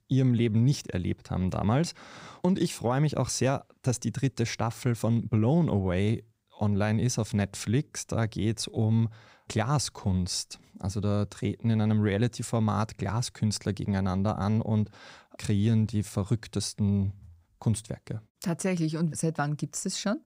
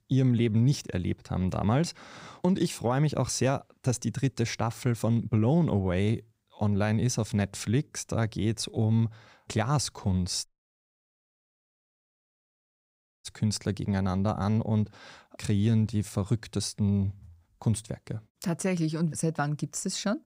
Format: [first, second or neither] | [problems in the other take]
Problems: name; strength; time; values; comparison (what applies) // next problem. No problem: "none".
first | audio cutting out; at 10 s for 3 s